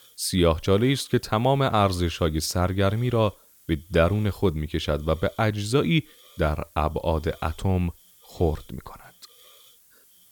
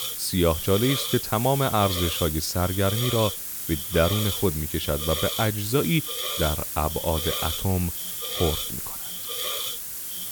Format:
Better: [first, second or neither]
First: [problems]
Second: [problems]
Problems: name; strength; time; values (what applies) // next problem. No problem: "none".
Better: first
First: hiss; faint; throughout; 25 dB below the speech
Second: hiss; loud; throughout; 3 dB below the speech